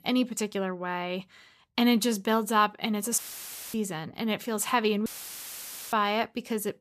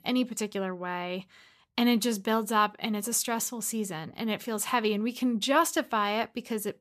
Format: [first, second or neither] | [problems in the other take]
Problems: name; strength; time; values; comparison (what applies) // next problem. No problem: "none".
second | audio cutting out; filled with static; at 3 s for 0.5 s and at 5 s for 1 s